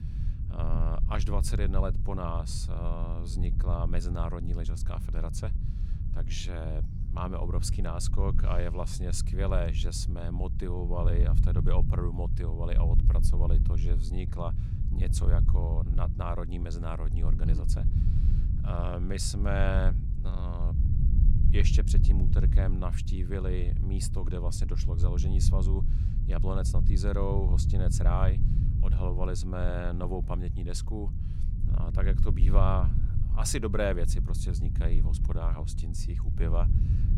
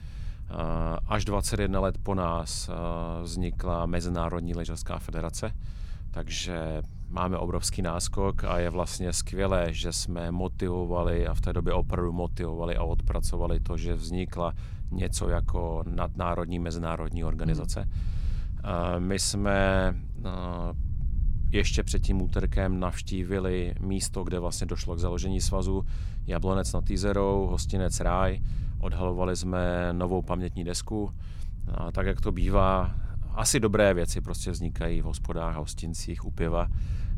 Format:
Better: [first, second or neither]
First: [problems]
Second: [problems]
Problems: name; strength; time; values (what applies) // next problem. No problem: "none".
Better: second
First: low rumble; loud; throughout; 7 dB below the speech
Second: low rumble; faint; throughout; 20 dB below the speech